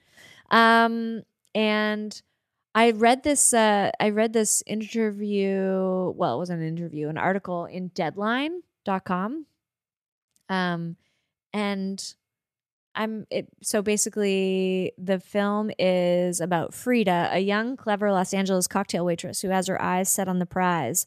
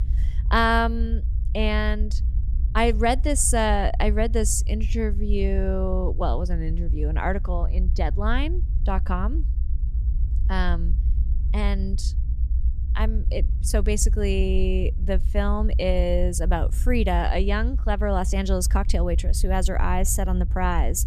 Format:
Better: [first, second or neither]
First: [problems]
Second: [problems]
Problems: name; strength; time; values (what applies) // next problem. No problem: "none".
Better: first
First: none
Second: low rumble; noticeable; throughout; 20 dB below the speech